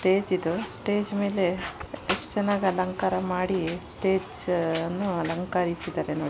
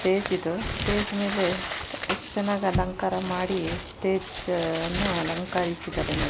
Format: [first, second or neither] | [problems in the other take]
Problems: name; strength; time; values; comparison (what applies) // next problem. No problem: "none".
first | background sound (Crumpling, crinkling); 6 dB below the speech